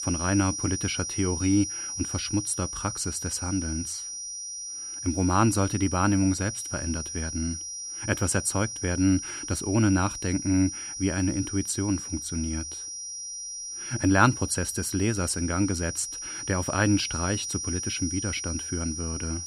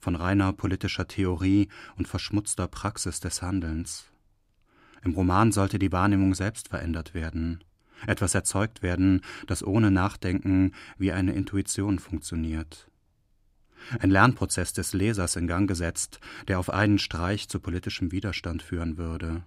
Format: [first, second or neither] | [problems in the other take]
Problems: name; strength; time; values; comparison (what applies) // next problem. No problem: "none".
second | high-pitched whine; loud; throughout; 5.5 kHz, 5 dB below the speech